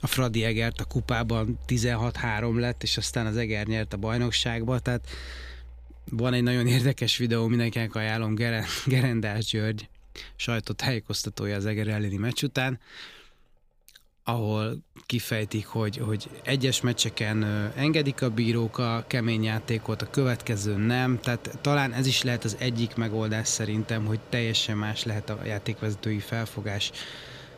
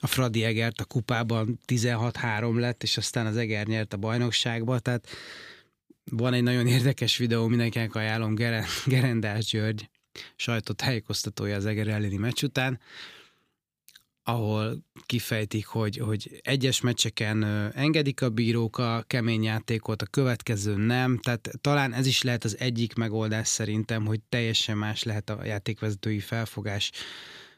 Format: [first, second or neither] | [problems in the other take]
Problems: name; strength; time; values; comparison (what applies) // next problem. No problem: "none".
second | machinery noise; noticeable; throughout; 20 dB below the speech